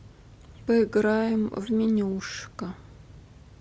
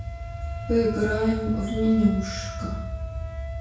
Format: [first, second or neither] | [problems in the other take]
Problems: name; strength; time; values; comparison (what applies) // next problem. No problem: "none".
first | background sound (Wind instrument, woodwind instrument); 15 dB below the speech // room echo; dies away in 0.6 s